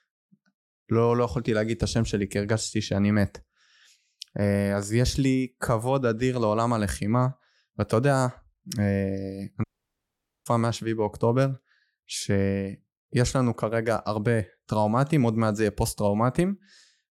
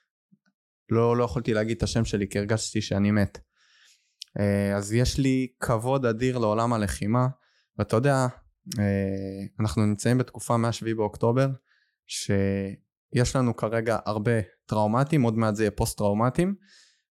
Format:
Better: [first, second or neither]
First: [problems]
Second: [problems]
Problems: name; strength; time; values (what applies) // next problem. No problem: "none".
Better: second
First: audio cutting out; at 9.5 s for 1 s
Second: none